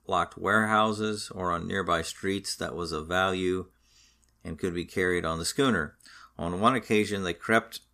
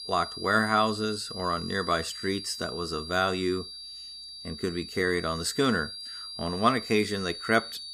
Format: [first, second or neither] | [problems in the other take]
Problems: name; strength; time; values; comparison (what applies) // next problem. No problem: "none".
first | high-pitched whine; loud; throughout; 4.5 kHz, 9 dB below the speech